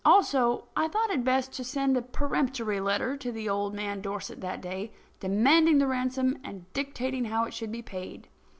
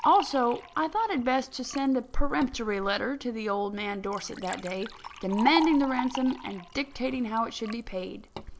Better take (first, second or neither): first